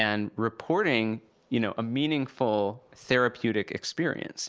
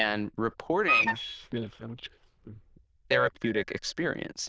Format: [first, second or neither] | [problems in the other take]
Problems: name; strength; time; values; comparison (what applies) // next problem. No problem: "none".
first | noise reduction (neural diffusion model UNIVERSE++)